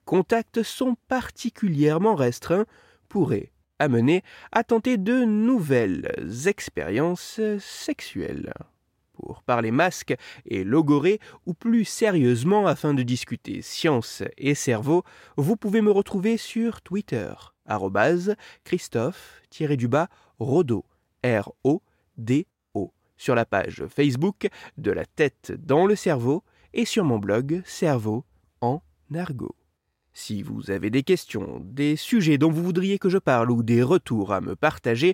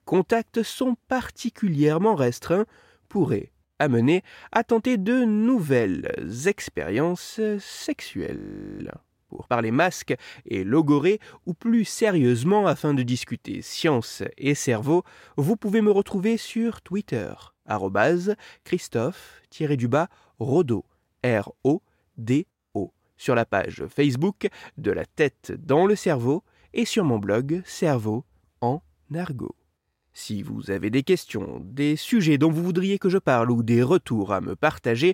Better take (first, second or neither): first